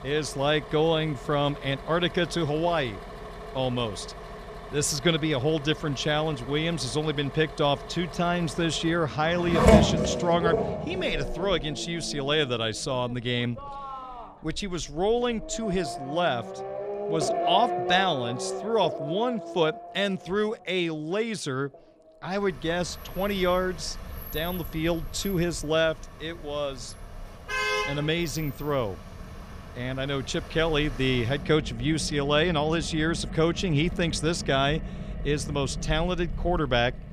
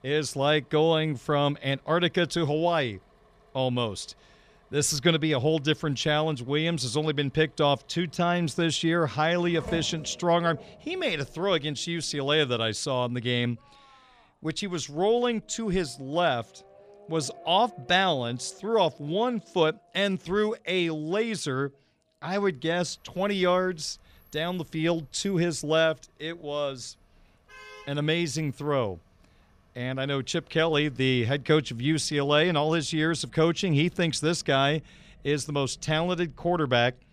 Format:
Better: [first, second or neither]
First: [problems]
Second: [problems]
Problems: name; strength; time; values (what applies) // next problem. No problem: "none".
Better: second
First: traffic noise; loud; throughout; 6 dB below the speech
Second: traffic noise; faint; throughout; 25 dB below the speech